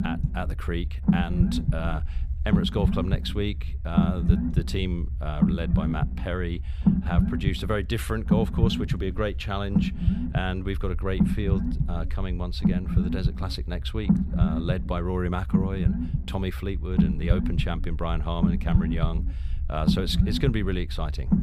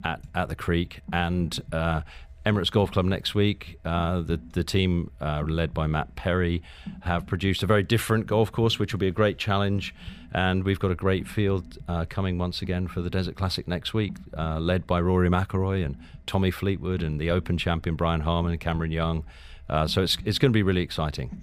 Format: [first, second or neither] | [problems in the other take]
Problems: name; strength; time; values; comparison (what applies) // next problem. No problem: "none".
second | low rumble; loud; throughout; 2 dB below the speech; faint in the second